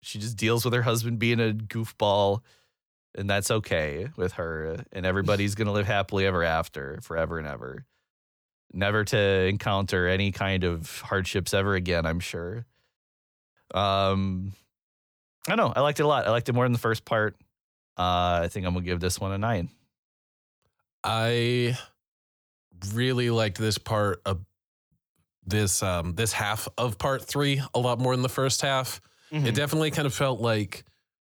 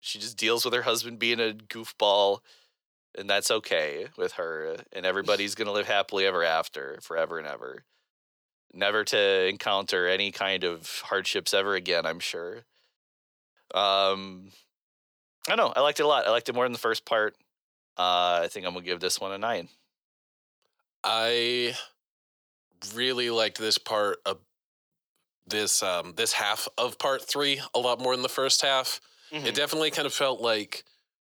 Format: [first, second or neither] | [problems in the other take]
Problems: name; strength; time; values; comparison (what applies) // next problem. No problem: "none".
first | thin; somewhat; fading below 450 Hz